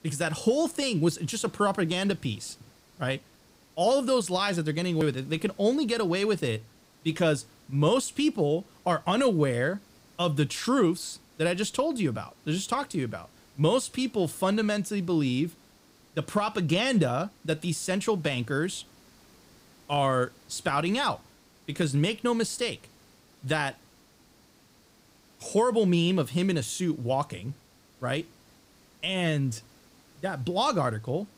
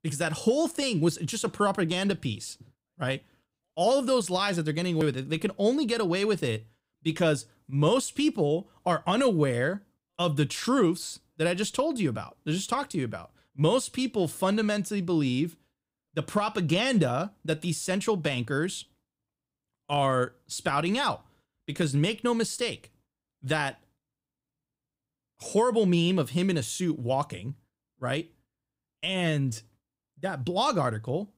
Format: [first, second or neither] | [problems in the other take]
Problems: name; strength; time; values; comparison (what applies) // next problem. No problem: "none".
second | hiss; faint; throughout; 30 dB below the speech